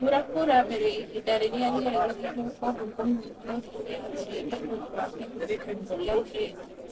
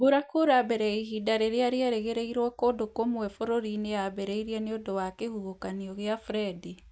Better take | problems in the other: second | noise reduction (neural separator model SepFormer DNS4)

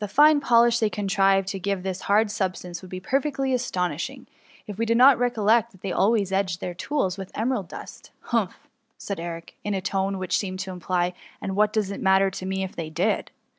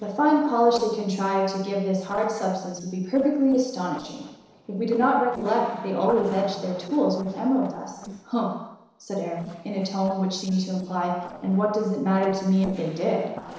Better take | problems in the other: first | noise reduction (neural separator model SepFormer DNS4)

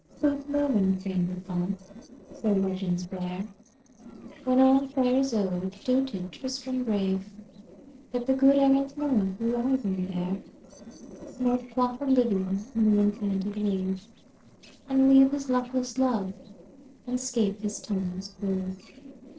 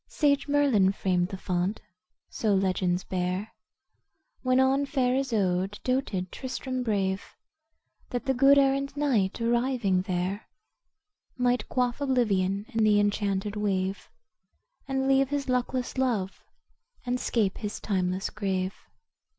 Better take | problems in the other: second | noise reduction (neural separator model SepFormer DNS4)

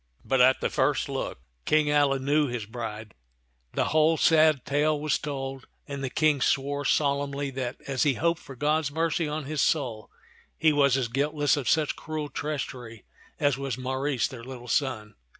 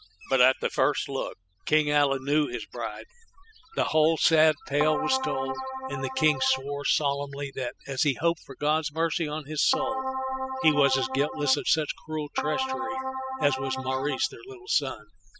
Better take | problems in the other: first | noise reduction (classical method spectral subtraction)

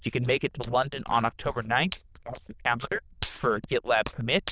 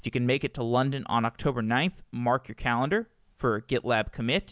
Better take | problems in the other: second | noise reduction (neural diffusion model UNIVERSE++)

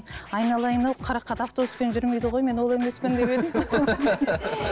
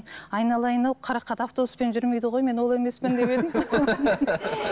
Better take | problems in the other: second | background sound (Scratching (performance technique)); 15 dB below the speech

